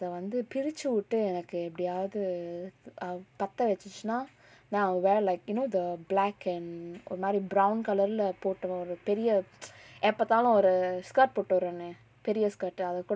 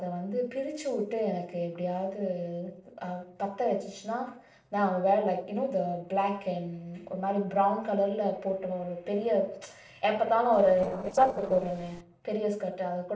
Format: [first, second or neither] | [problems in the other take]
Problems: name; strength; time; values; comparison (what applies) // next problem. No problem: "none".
first | noise reduction (neural separator model SepFormer DNS4)